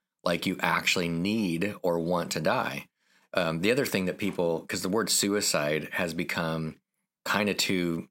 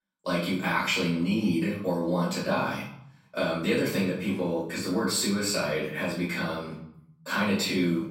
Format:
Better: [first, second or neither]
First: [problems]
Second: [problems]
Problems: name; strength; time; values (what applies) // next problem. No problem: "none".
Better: first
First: none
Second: room echo; noticeable; dies away in 0.7 s // off-mic speech; far